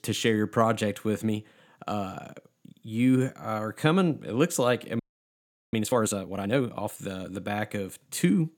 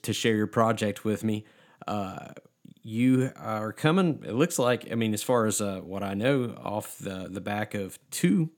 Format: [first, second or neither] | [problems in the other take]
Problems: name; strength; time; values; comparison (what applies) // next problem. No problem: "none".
second | audio freezing; at 5 s for 0.5 s